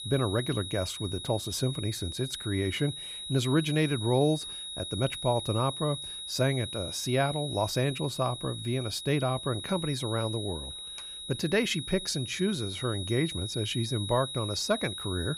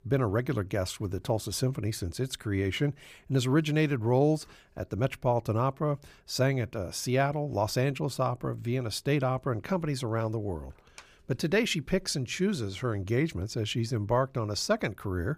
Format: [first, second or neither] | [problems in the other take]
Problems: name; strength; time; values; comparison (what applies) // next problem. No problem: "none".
second | high-pitched whine; loud; throughout; 4 kHz, 7 dB below the speech